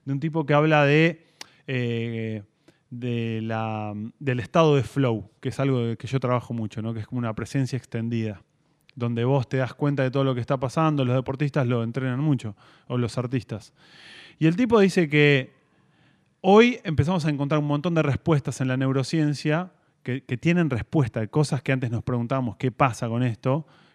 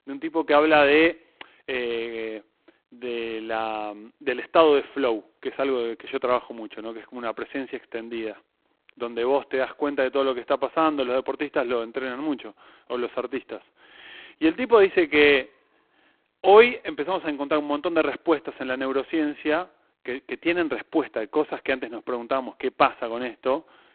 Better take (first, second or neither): first